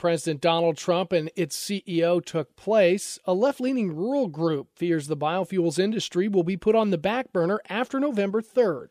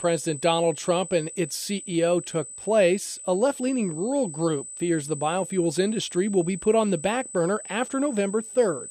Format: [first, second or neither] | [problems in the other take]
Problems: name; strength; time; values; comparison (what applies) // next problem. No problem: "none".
first | high-pitched whine; noticeable; throughout; 8 kHz, 10 dB below the speech